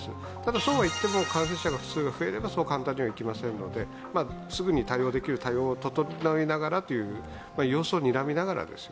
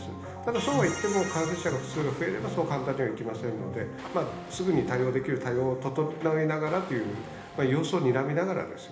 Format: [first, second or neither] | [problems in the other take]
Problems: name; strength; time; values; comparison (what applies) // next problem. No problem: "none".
first | background sound (Waves, surf); 18 dB below the speech // room echo; dies away in 1 s